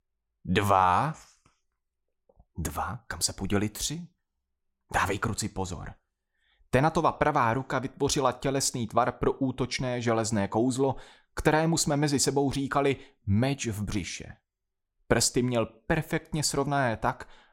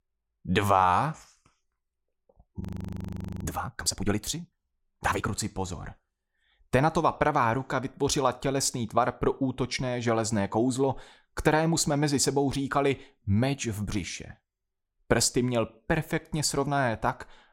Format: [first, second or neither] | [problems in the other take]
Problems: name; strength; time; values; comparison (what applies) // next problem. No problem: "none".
first | audio freezing; at 2.5 s for 1 s